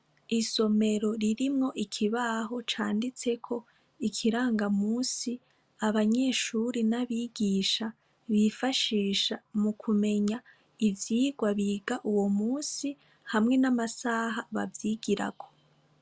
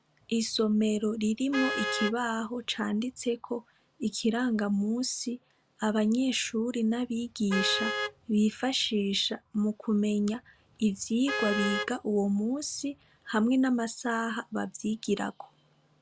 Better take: first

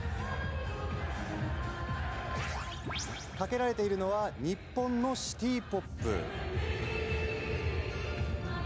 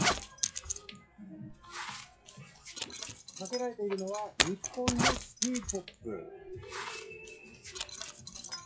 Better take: first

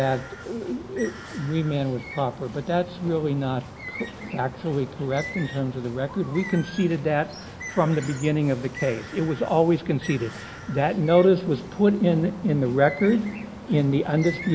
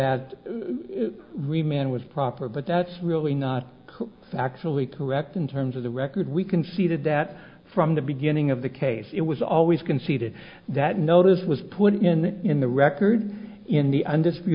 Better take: second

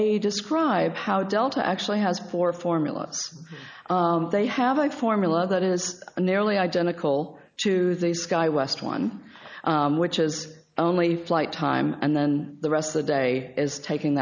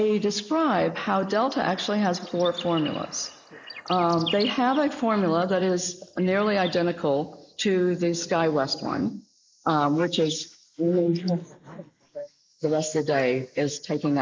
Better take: first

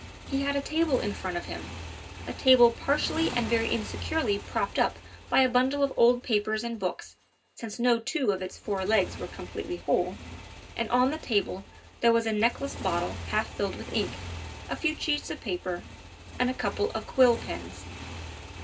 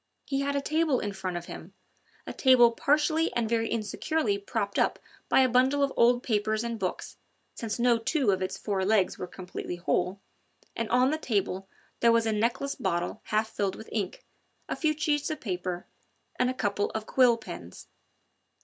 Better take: second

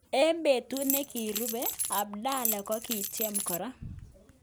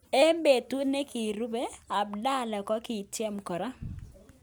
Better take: second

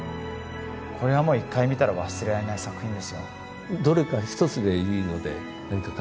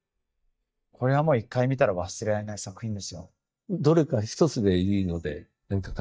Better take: first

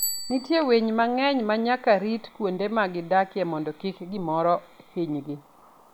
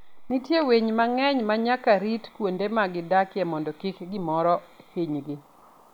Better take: second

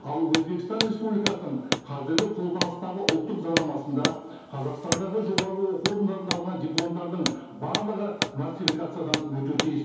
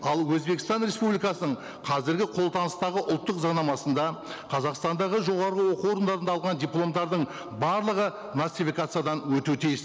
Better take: second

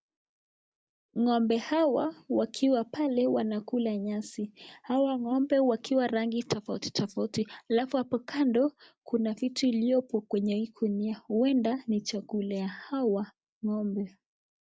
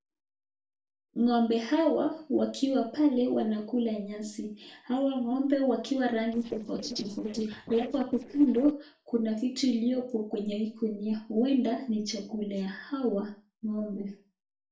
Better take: first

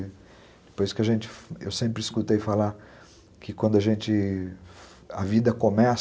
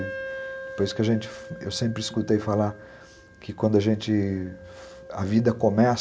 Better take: first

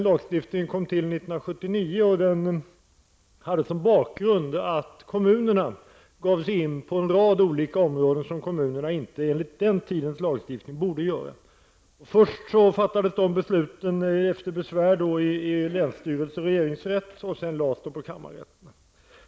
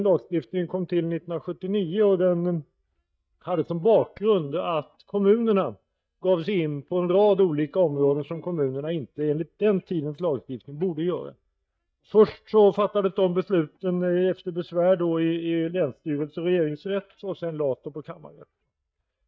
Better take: first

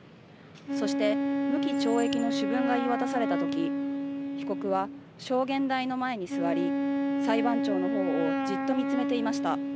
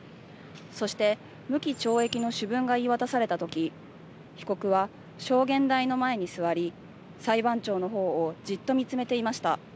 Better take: second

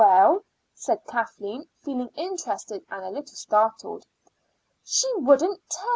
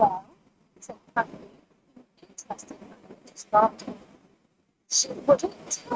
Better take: first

